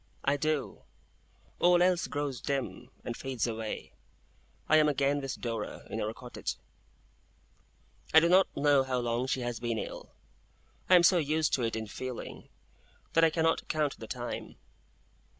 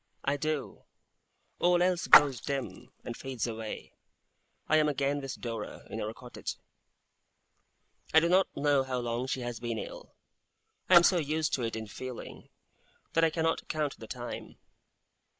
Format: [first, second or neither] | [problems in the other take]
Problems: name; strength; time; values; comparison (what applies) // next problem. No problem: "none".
first | noise reduction (neural mask model Resemble Enhance denoiser)